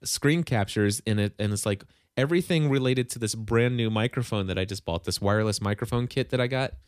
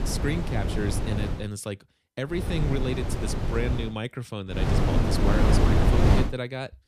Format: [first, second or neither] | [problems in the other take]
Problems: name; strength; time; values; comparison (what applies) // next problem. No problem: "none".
first | wind noise on the microphone; heavy; until 1.5 s, from 2.5 to 4 s and from 4.5 to 6 s; 2 dB above the speech